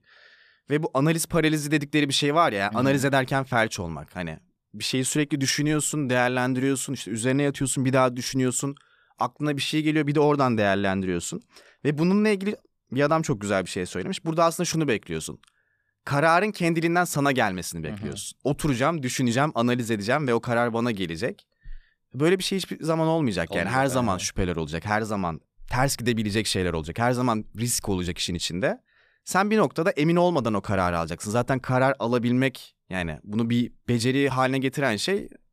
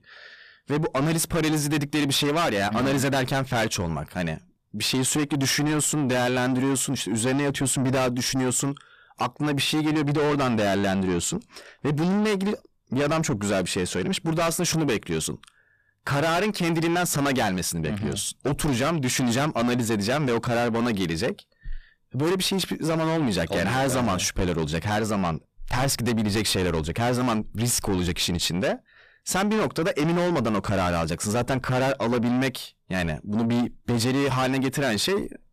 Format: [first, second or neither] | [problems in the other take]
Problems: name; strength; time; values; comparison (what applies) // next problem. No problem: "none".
first | distortion; heavy; 6 dB below the speech